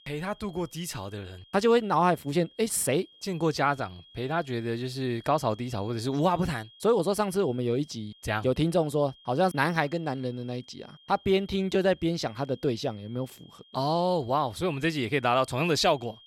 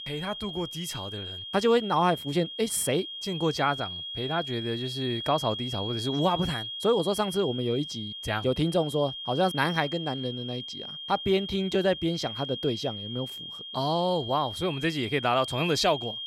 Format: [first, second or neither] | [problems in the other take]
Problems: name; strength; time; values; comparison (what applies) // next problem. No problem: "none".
first | high-pitched whine; loud; throughout; 3 kHz, 7 dB below the speech; faint in the first